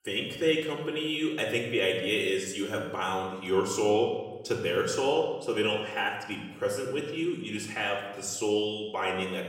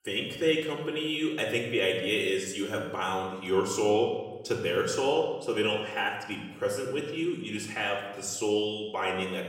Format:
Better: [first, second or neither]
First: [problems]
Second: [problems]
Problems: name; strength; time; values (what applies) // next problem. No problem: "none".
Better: neither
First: off-mic speech; far // room echo; noticeable; dies away in 1 s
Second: off-mic speech; far // room echo; noticeable; dies away in 1 s